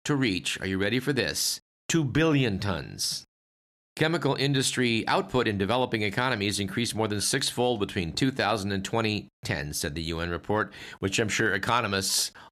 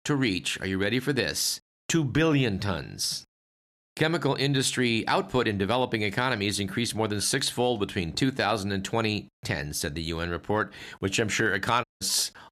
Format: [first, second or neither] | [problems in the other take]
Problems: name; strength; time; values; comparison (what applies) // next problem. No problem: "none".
first | audio cutting out; at 12 s